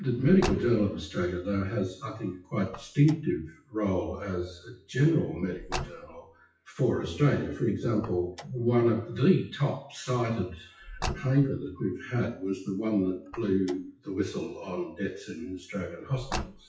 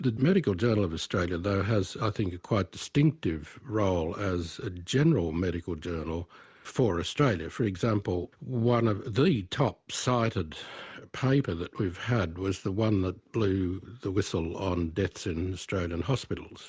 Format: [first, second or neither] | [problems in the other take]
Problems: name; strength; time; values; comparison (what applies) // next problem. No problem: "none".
second | noise reduction (classical method WPE with log-MMSE)